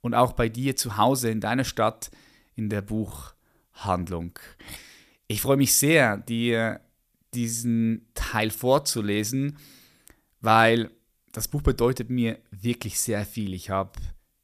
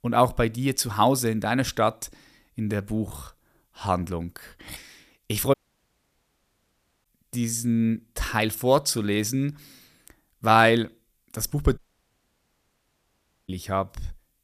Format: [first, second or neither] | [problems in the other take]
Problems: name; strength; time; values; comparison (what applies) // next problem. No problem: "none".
first | audio cutting out; at 5.5 s for 1.5 s and at 12 s for 1.5 s